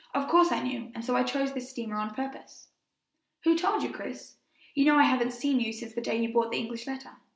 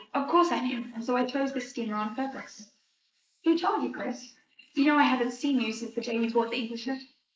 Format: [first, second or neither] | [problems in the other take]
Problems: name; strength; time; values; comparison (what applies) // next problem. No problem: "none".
first | noise reduction (neural mask model Resemble Enhance denoiser)